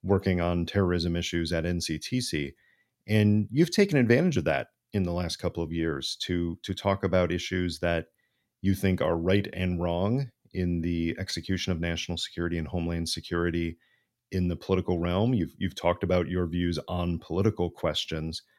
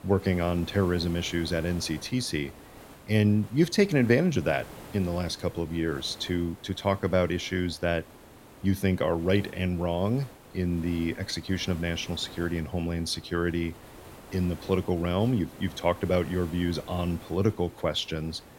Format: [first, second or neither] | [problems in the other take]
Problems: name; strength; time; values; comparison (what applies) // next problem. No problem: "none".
first | hiss; noticeable; throughout; 20 dB below the speech